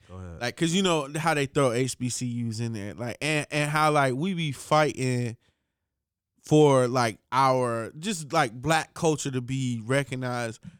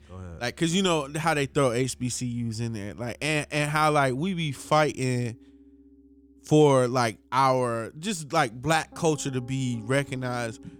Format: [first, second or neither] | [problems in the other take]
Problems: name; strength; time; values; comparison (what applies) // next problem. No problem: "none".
first | background music; faint; throughout; 25 dB below the speech